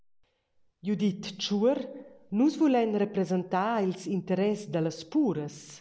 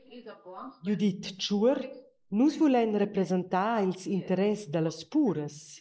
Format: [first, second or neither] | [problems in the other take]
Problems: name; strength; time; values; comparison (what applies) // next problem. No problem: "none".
first | noise reduction (neural mask model Resemble Enhance denoiser)